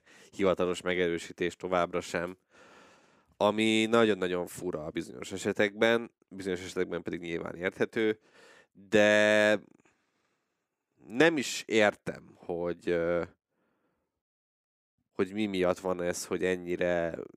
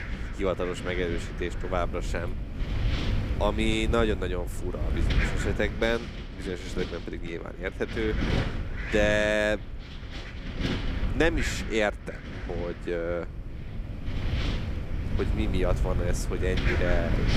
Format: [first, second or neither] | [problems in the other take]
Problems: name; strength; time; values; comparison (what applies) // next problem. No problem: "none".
first | wind noise on the microphone; heavy; 8 dB below the speech